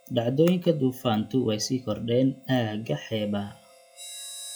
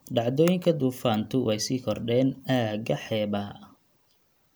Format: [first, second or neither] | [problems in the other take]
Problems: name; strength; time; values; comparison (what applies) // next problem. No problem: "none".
second | noise reduction (classical method log-MMSE)